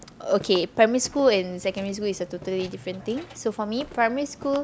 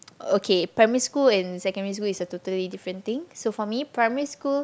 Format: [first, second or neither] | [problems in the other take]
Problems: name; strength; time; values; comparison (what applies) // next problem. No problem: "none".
second | background sound (Walk, footsteps); 19 dB below the speech